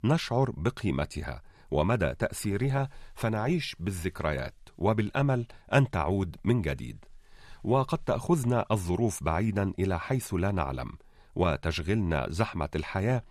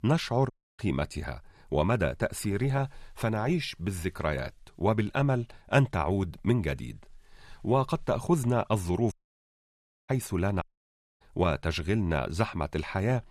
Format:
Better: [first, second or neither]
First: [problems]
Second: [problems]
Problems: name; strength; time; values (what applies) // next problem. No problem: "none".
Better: first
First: none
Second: audio cutting out; at 0.5 s, at 9 s for 1 s and at 11 s for 0.5 s